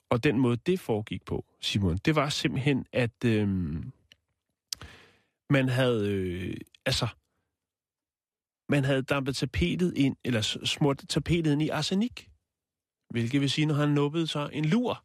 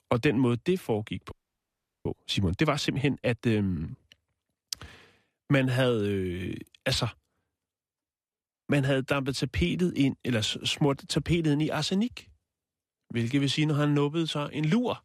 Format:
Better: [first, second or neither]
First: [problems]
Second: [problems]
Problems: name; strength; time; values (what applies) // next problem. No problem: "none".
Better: first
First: none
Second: audio freezing; at 1.5 s for 0.5 s